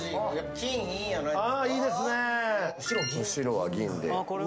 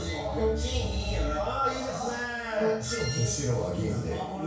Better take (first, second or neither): first